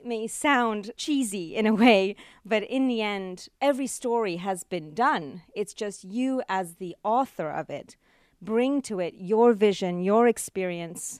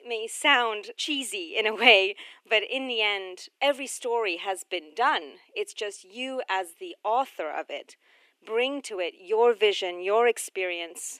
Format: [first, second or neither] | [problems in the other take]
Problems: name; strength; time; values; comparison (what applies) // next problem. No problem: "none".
first | thin; somewhat; fading below 300 Hz